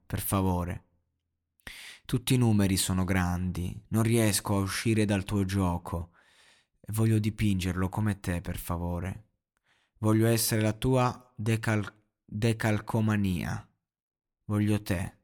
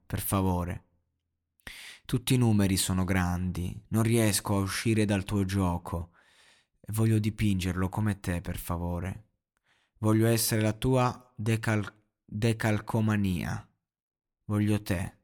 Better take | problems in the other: neither | none

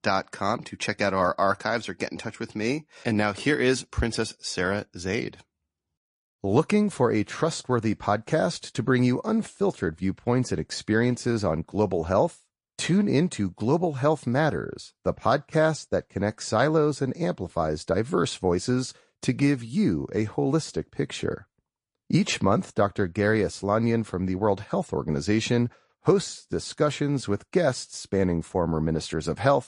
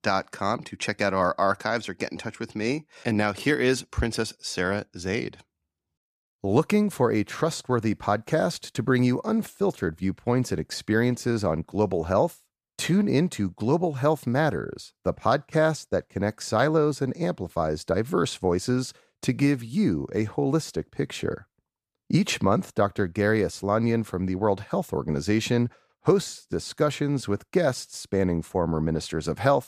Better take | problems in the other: second | garbled, watery; slightly; nothing above 10.5 kHz

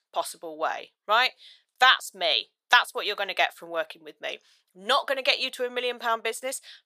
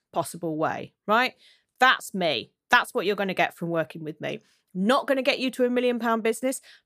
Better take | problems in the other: second | thin; very; fading below 750 Hz

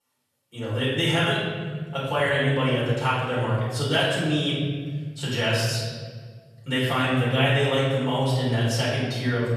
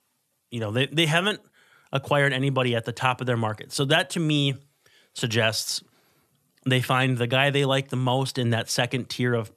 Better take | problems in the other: second | off-mic speech; far // room echo; strong; dies away in 1.8 s

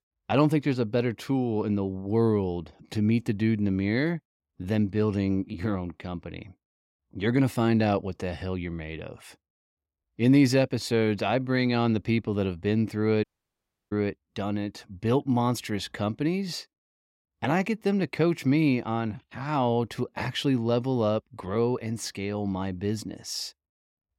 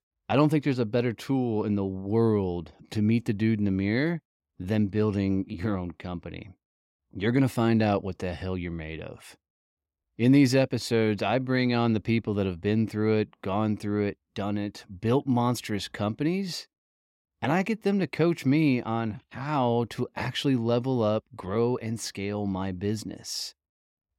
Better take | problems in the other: second | audio cutting out; at 13 s for 0.5 s

